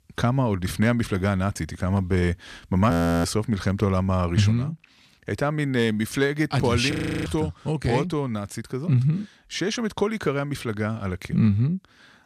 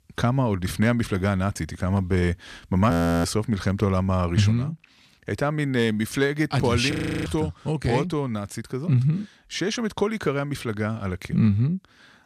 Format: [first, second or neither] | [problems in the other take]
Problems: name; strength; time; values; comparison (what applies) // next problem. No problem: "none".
neither | audio freezing; at 3 s and at 7 s; the same in both